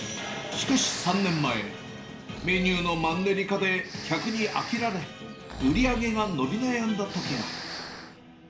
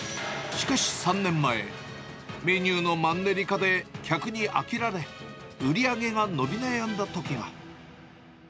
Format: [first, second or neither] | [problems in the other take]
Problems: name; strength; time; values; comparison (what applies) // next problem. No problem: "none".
second | background sound (Breathing); 12 dB below the speech // room echo; dies away in 0.5 s